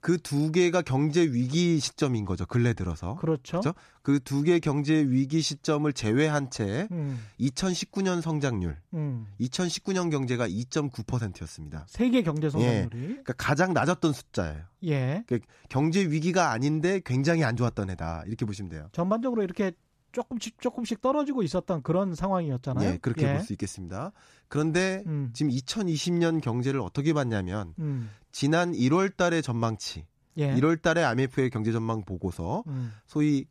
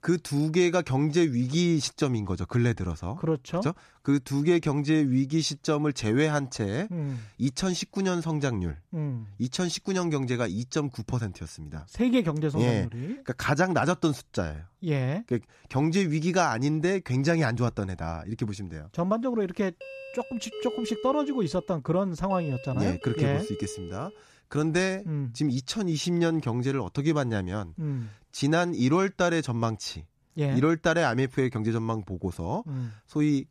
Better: first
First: none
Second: doorbell; noticeable; from 20 to 24 s; peak 8 dB below the speech

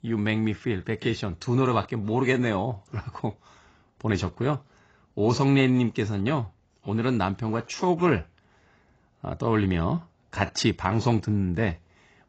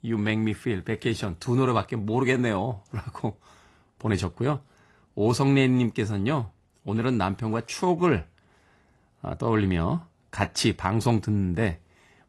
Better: second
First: garbled, watery; badly; nothing above 7.5 kHz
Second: garbled, watery; slightly; nothing above 11.5 kHz

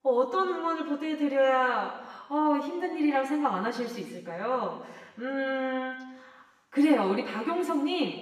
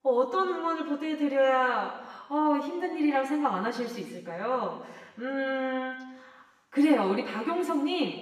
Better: neither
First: room echo; noticeable; dies away in 1 s // off-mic speech; far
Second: room echo; noticeable; dies away in 1 s // off-mic speech; far

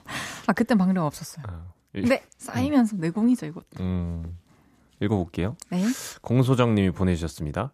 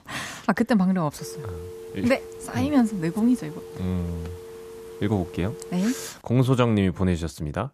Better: first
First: none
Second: phone ringing; faint; from 1 to 6 s; peak 15 dB below the speech

